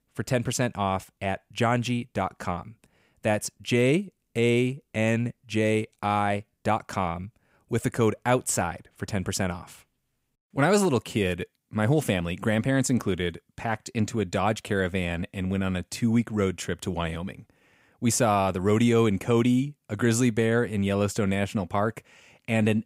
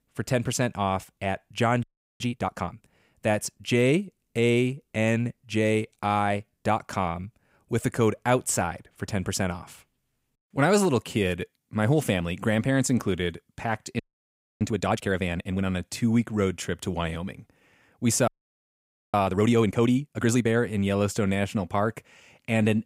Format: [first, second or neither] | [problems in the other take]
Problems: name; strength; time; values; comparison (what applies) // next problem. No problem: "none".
first | audio freezing; at 2 s, at 14 s for 0.5 s and at 18 s for 1 s